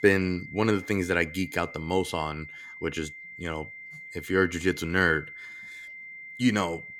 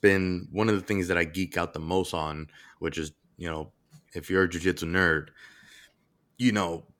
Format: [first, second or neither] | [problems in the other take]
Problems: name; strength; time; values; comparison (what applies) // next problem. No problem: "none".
second | high-pitched whine; noticeable; throughout; 2 kHz, 15 dB below the speech